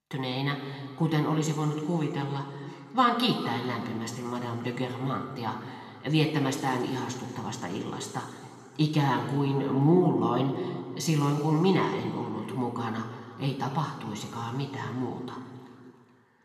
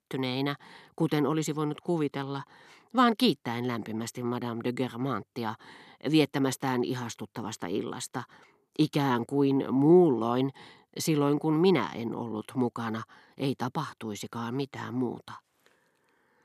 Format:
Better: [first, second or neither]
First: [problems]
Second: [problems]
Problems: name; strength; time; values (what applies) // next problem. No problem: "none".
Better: second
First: room echo; noticeable; dies away in 2.2 s // off-mic speech; somewhat distant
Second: none